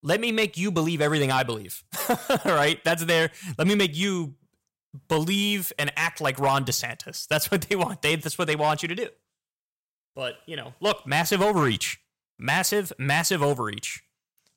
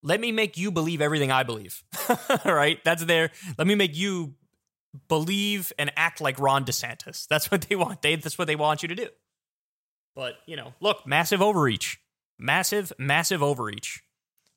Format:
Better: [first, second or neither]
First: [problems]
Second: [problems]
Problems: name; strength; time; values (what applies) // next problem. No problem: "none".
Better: second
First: distortion; slight; 4% of the sound clipped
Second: none